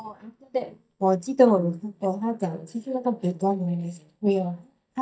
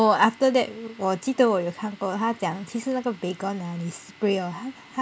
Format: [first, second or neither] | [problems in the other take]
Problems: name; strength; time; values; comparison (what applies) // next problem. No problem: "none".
second | noise reduction (neural mask model DeepFilterNet 3)